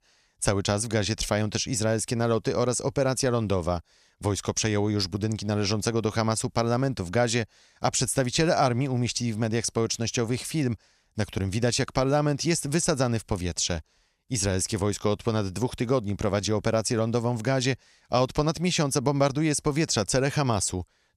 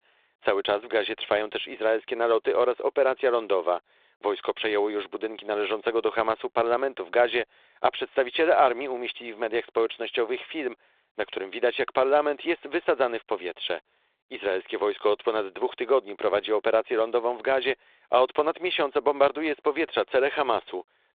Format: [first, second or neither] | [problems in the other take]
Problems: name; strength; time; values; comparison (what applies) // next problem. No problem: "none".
first | phone-call audio